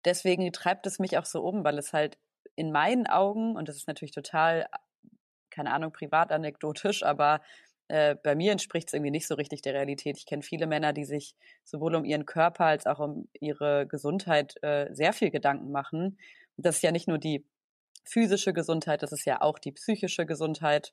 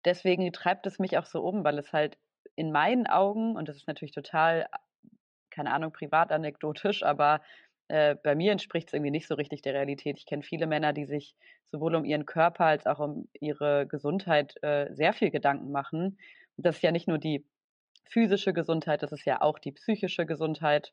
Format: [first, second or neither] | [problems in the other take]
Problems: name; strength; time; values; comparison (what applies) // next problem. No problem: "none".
first | muffled; slightly; fading above 4 kHz